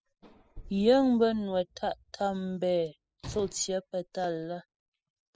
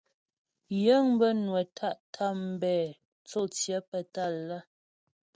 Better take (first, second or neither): second